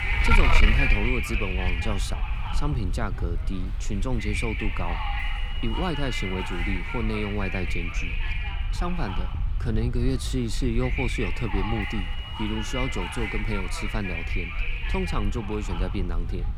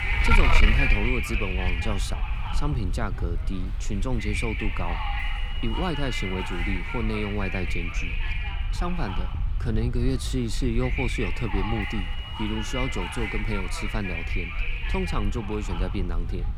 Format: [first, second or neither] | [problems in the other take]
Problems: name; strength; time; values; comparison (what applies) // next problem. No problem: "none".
neither | wind noise on the microphone; heavy; 4 dB above the speech; the same in both